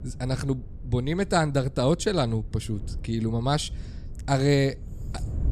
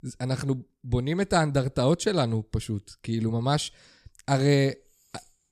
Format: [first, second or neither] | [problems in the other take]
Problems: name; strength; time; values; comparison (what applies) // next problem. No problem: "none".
second | wind noise on the microphone; occasional gusts; 25 dB below the speech